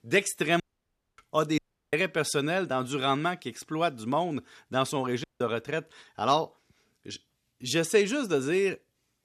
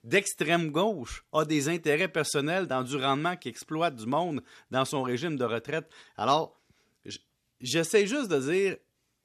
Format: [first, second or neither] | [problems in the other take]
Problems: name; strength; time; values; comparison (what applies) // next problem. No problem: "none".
second | audio cutting out; at 0.5 s for 0.5 s, at 1.5 s and at 5 s